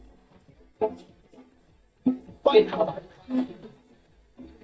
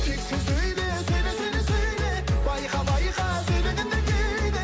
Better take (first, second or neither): second